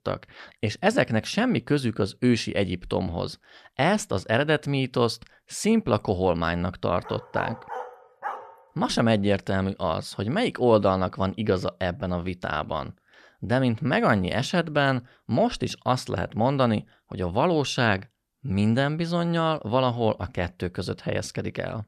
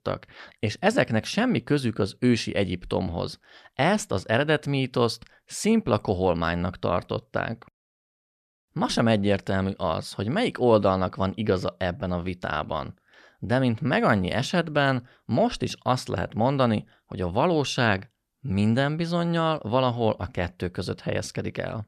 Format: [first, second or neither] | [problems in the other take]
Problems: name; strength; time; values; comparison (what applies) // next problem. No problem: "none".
second | dog barking; noticeable; from 7 to 8.5 s; peak 9 dB below the speech